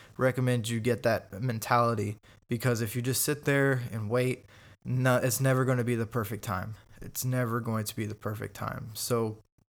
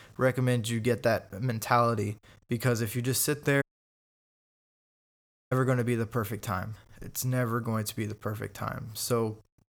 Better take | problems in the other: first | audio cutting out; at 3.5 s for 2 s

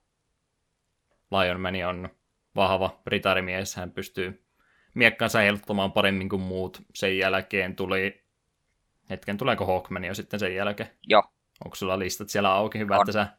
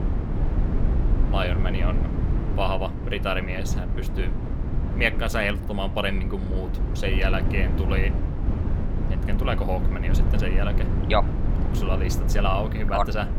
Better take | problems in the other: first | low rumble; loud; throughout; 9 dB below the speech

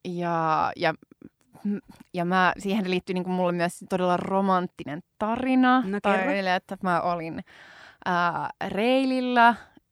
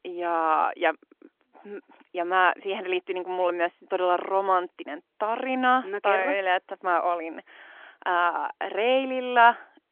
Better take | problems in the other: first | phone-call audio; nothing above 3.5 kHz

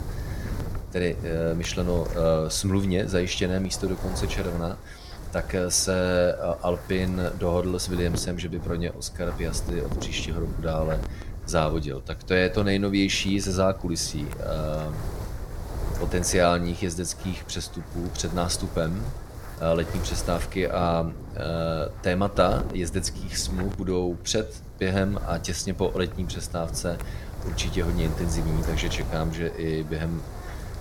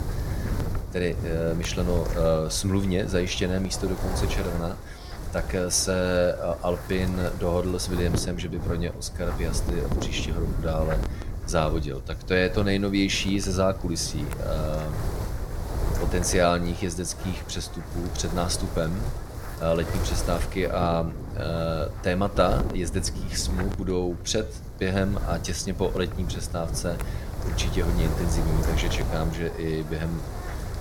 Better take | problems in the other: first | wind noise on the microphone; heavy; 10 dB below the speech; occasional gusts in the first

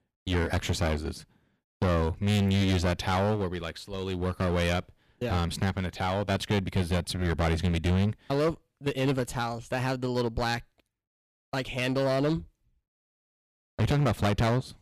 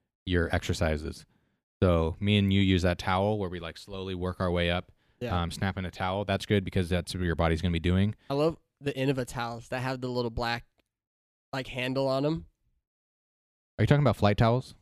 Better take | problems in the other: second | distortion; heavy; 13% of the sound clipped

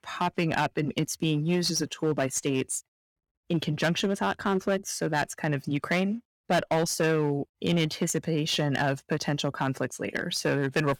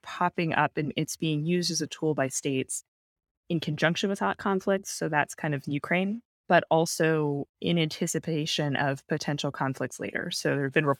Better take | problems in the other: second | distortion; slight; 7% of the sound clipped

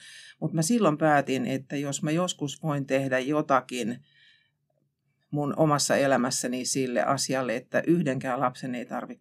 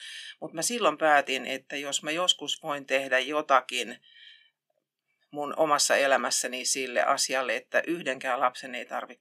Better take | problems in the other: first | thin; somewhat; fading below 550 Hz

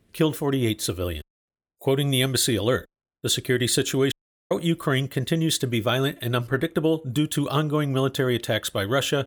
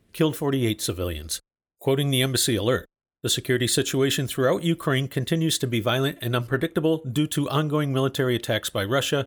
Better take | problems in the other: second | audio cutting out; at 1 s and at 4 s

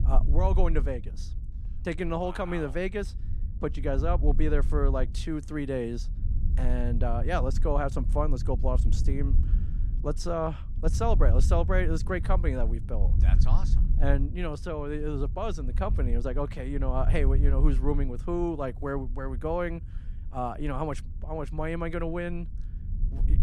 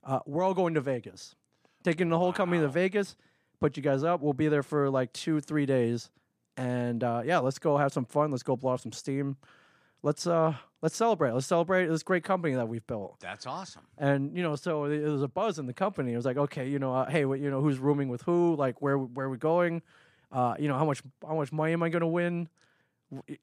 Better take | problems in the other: second | low rumble; noticeable; throughout; 15 dB below the speech

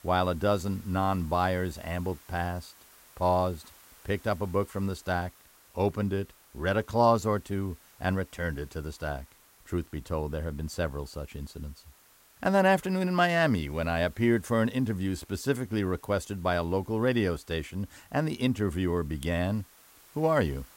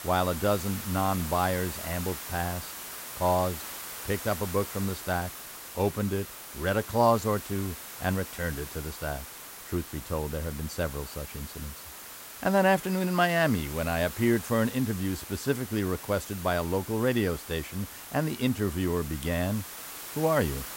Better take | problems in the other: first | hiss; loud; throughout; 10 dB below the speech; faint in the first

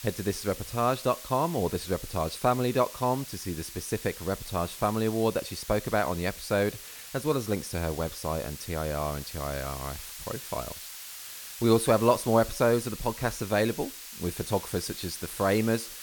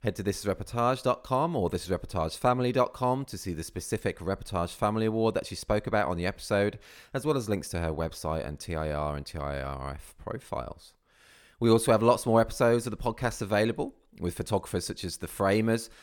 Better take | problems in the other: second | hiss; noticeable; throughout; 10 dB below the speech

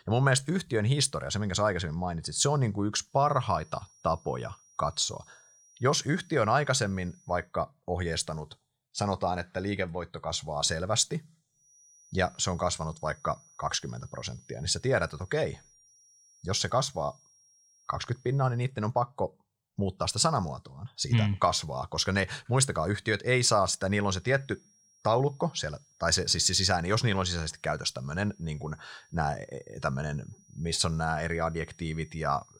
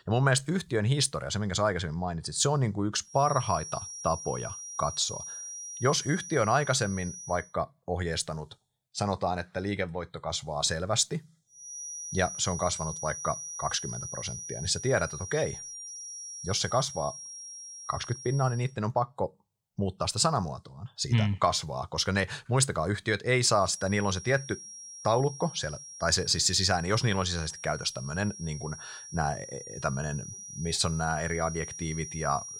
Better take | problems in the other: first | high-pitched whine; loud; from 3 to 7.5 s, from 12 to 19 s and from 24 s on; 6 kHz, 10 dB below the speech; faint in the first

